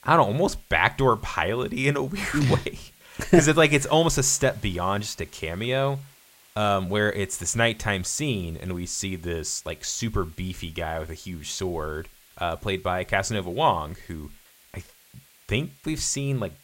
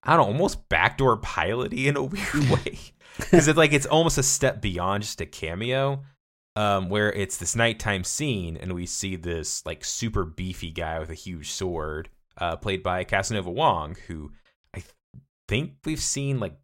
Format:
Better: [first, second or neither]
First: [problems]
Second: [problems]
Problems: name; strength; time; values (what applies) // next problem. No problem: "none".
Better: second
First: hiss; faint; throughout; 25 dB below the speech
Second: none